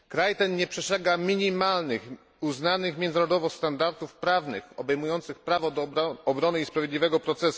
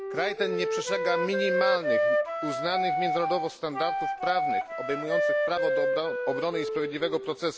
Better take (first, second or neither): first